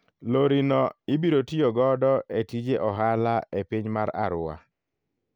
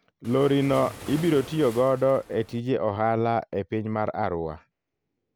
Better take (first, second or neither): first